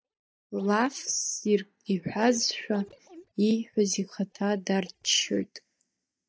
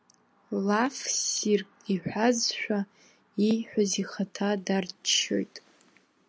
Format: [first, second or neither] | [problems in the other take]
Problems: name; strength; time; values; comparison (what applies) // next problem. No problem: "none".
second | noise reduction (neural mask model DeepFilterNet 3)